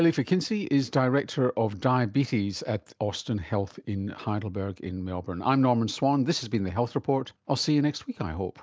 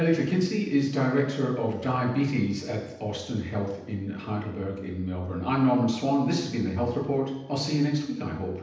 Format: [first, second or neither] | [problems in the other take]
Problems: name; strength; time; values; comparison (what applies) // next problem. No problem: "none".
first | room echo; dies away in 0.9 s